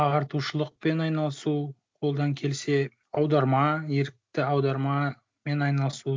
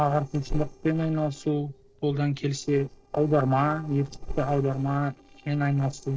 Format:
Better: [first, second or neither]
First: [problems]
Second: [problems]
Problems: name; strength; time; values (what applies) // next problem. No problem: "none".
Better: first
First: none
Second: noise reduction (neural separator model SepFormer DNS4)